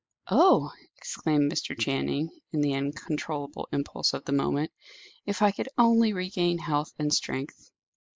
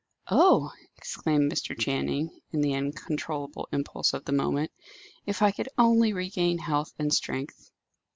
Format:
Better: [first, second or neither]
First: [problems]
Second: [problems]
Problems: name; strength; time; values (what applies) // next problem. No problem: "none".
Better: second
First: noise reduction (neural mask model Resemble Enhance denoiser)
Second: none